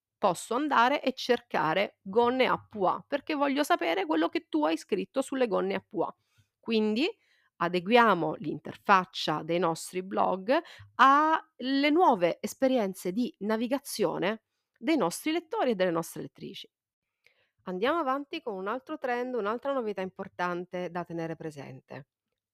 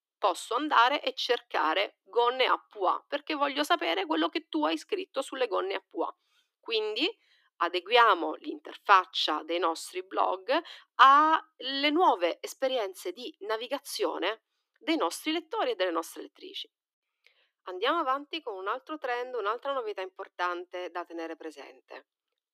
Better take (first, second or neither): first